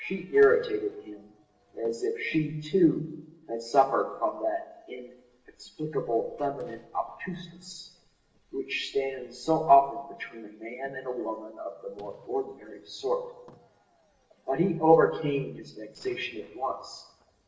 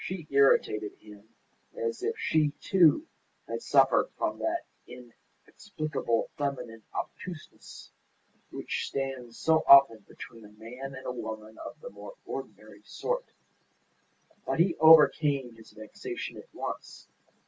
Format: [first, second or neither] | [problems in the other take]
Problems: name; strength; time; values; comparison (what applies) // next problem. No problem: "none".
second | noise reduction (neural separator model SepFormer DNS4)